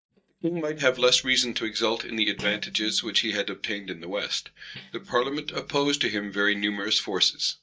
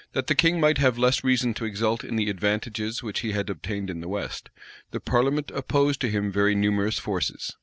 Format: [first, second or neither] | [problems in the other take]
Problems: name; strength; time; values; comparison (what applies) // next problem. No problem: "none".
second | noise reduction (neural mask model DeepFilterNet 3)